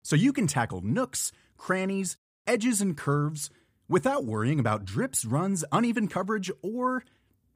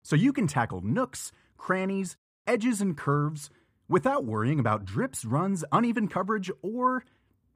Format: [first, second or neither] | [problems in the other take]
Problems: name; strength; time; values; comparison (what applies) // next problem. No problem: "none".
first | muffled; slightly; fading above 3.5 kHz